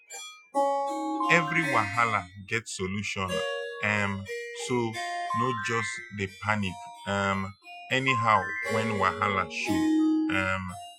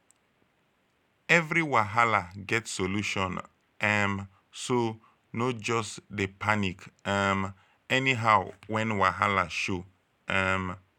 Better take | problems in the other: second | noise reduction (classical method Wiener filter)

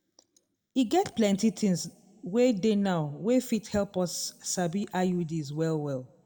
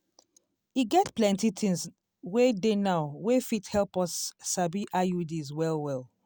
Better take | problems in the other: second | room echo; dies away in 0.6 s

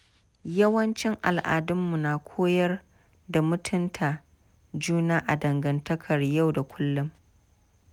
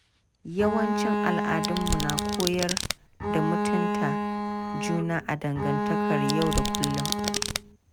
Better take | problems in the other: first | background sound (Bowed string instrument + Domestic sounds, home sounds); 2 dB above the speech

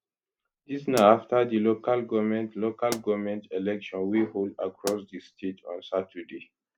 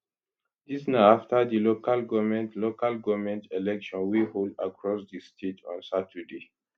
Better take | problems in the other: second | background sound (Explosion); 18 dB below the speech

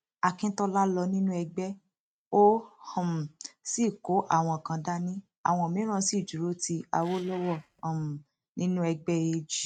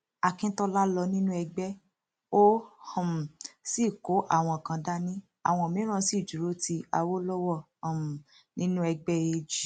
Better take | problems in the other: second | noise reduction (neural mask model RNNoise)

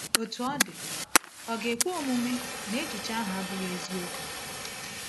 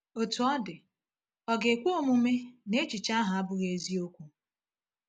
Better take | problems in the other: second | background sound (Fire); 1 dB above the speech

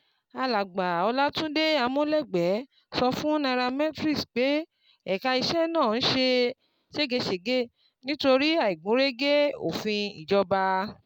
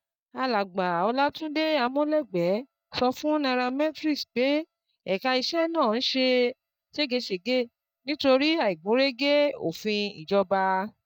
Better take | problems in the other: first | noise reduction (neural mask model DeepFilterNet 3)

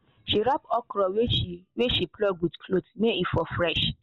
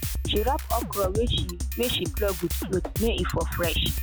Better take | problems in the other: first | background sound (Drum kit); 1 dB below the speech

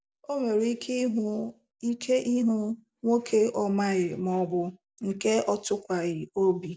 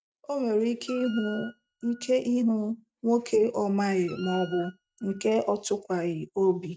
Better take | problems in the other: first | noise reduction (neural mask model RNNoise)

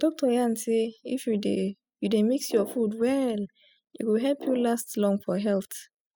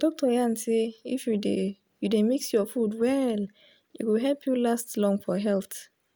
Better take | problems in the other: second | noise reduction (classical method spectral subtraction)

